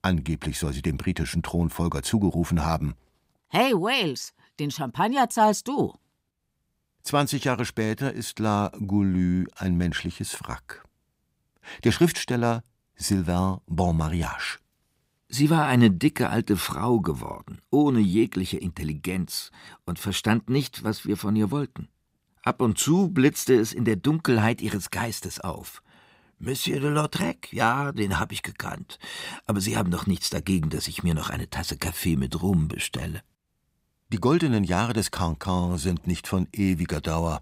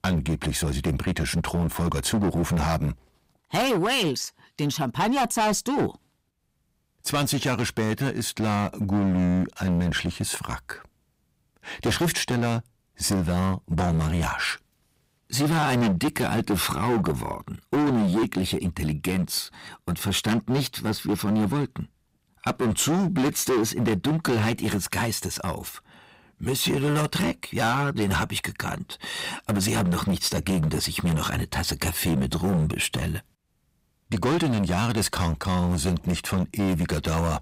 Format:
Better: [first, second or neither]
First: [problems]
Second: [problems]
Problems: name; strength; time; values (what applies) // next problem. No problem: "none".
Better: first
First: none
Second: distortion; heavy; 16% of the sound clipped